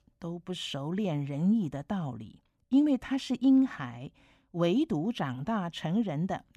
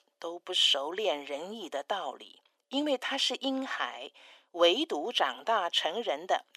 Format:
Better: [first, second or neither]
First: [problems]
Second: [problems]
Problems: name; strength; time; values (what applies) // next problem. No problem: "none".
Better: first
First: none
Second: thin; very; fading below 400 Hz